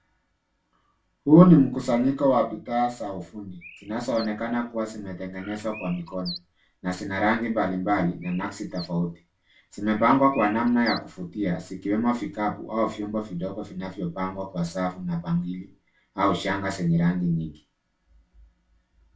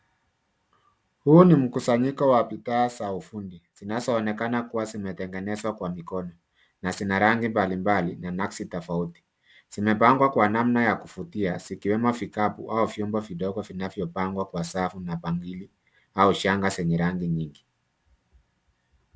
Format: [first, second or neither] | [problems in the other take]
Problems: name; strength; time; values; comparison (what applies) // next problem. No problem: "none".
second | background sound (Bird); 20 dB below the speech // room echo; dies away in 0.2 s